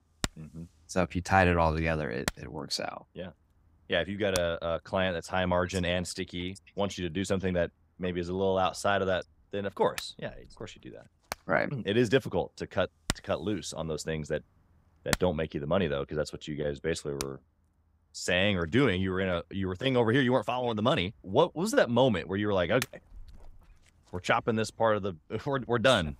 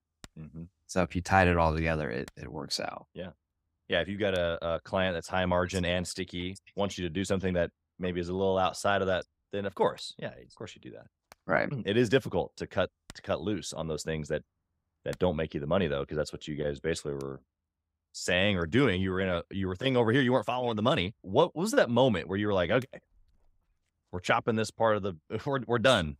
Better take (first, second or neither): second